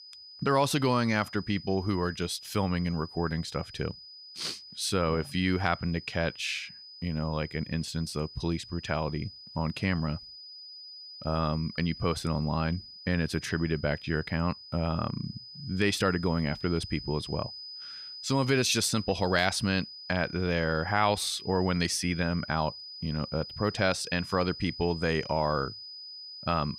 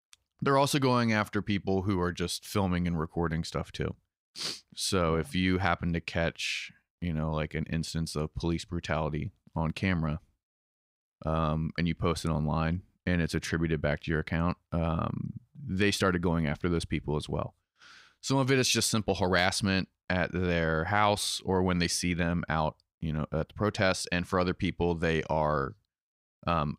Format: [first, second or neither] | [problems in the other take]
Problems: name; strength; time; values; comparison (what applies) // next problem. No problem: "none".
second | high-pitched whine; noticeable; throughout; 5 kHz, 15 dB below the speech